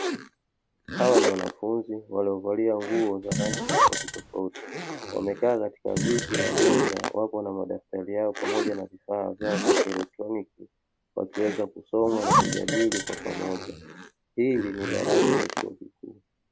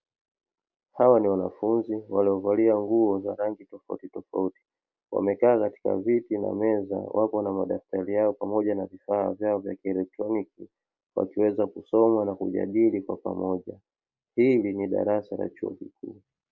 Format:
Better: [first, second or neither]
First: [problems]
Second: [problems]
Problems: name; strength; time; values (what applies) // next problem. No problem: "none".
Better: second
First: background sound (Zipper (clothing) + Fart); as loud as the speech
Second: none